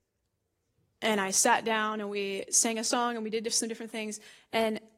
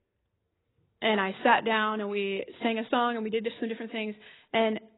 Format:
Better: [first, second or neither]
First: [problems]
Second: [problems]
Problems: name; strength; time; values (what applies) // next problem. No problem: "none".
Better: first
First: garbled, watery; slightly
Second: garbled, watery; badly; nothing above 3.5 kHz